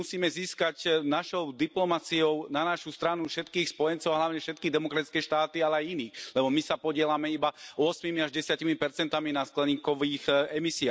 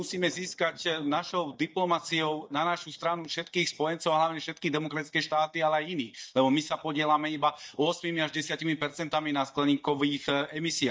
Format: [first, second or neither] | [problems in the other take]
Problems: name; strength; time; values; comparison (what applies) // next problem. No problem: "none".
first | noise reduction (neural mask model DeepFilterNet 3)